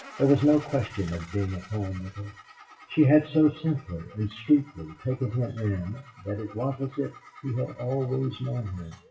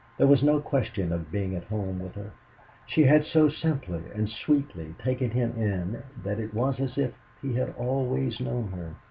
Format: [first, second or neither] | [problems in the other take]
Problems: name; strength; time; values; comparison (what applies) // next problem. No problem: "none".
second | noise reduction (classical method WPE with log-MMSE)